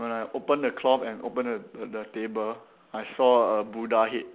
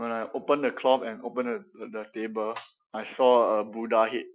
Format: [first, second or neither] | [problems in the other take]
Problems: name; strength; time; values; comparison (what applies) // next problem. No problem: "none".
first | noise reduction (classical method Wiener filter)